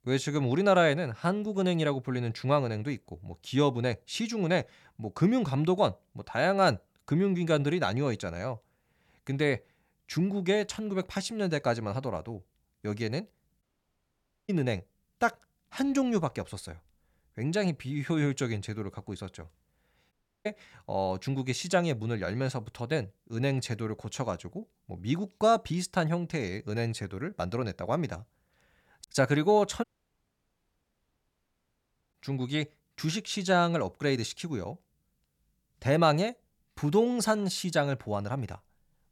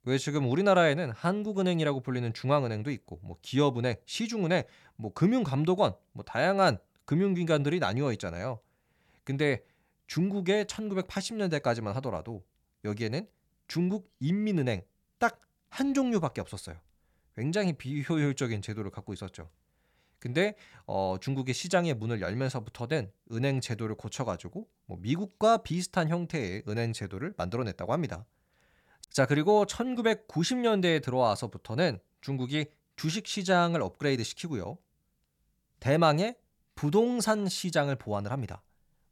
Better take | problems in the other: second | audio cutting out; at 14 s for 1 s, at 20 s and at 30 s for 2.5 s

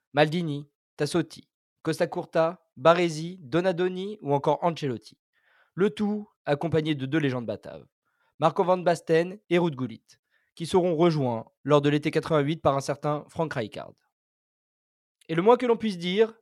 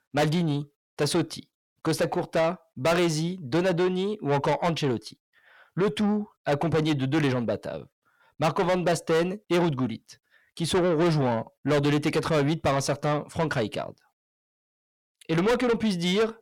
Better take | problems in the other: first | distortion; heavy; 6 dB below the speech

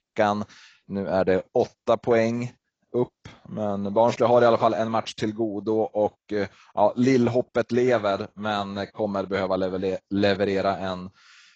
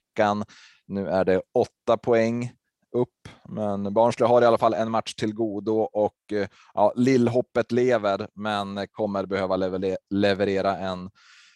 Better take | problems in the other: second | garbled, watery; badly

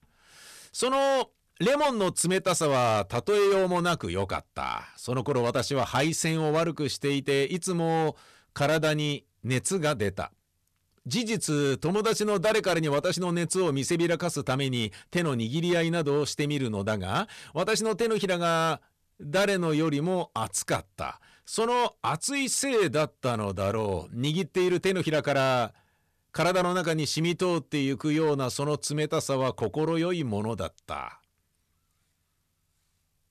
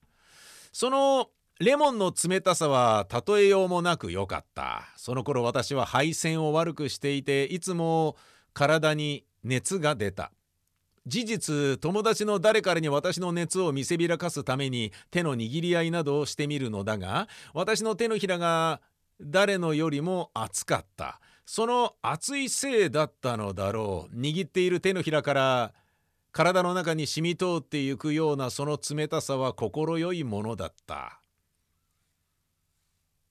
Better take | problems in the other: second | distortion; slight; 7% of the sound clipped

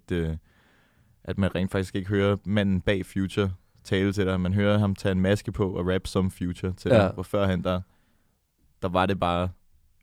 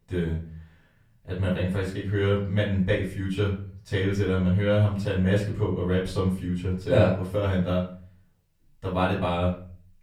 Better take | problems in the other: first | off-mic speech; far // room echo; slight; dies away in 0.4 s

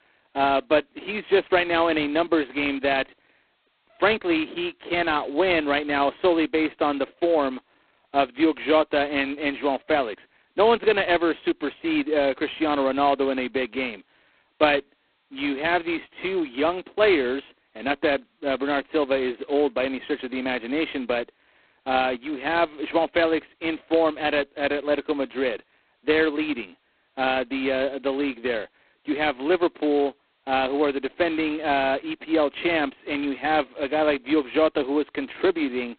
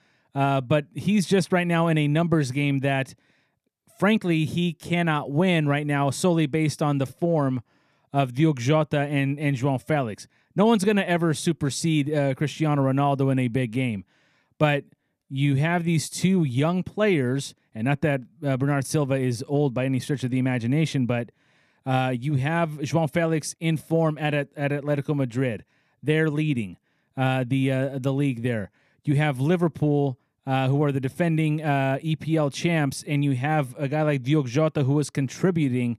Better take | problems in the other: second | phone-call audio; poor line; nothing above 4 kHz

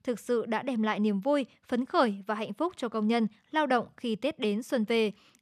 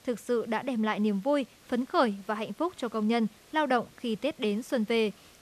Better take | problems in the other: first | hiss; faint; throughout; 25 dB below the speech

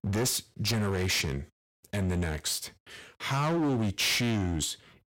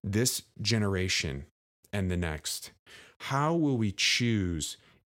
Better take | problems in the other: second | distortion; heavy; 18% of the sound clipped

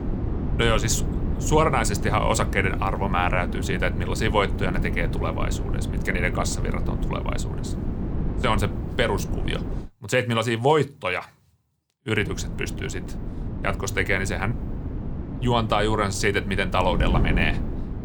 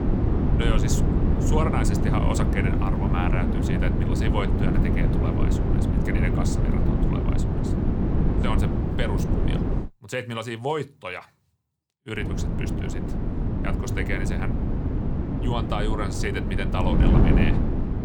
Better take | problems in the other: first | wind noise on the microphone; heavy; until 10 s and from 12 s on; as loud as the speech; occasional gusts in the first

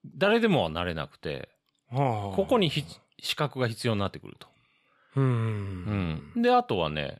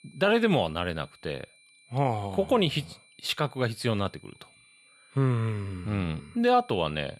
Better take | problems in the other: first | high-pitched whine; faint; throughout; 2.5 kHz, 30 dB below the speech

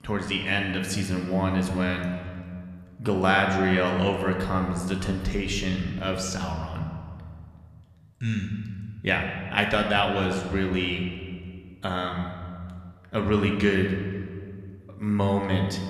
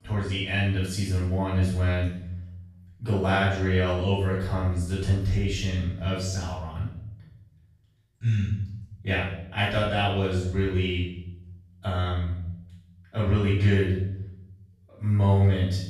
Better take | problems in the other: first | room echo; strong; dies away in 0.7 s; slight in the first // off-mic speech; far

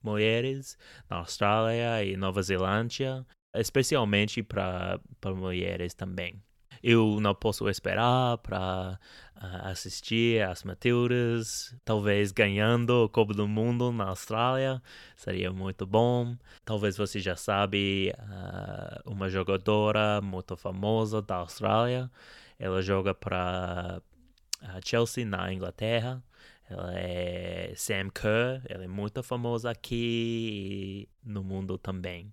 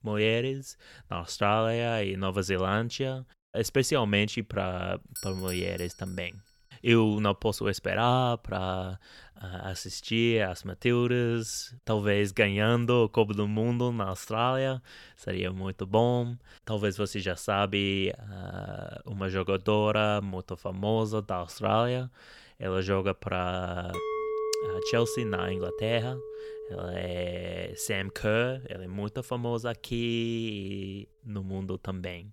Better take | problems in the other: first | doorbell; noticeable; at 5 s; peak 9 dB below the speech // clattering dishes; noticeable; from 24 to 28 s; peak 2 dB below the speech

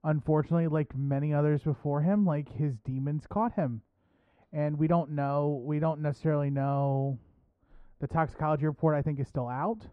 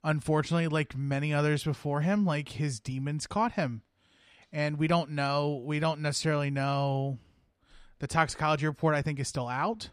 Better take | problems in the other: second | muffled; very; fading above 2 kHz

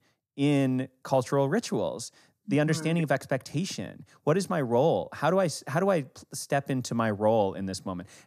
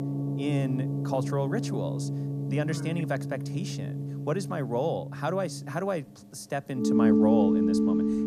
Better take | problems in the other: first | background music; very loud; throughout; 4 dB above the speech

